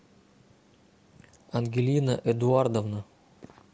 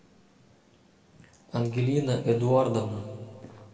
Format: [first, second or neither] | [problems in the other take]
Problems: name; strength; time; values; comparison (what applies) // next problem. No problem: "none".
first | room echo; dies away in 1.6 s